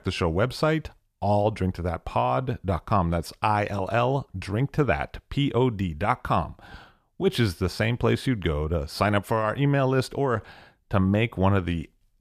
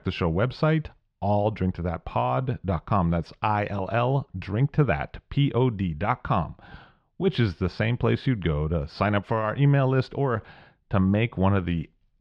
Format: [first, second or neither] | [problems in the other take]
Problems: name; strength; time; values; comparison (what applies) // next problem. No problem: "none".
first | muffled; very slightly; fading above 4 kHz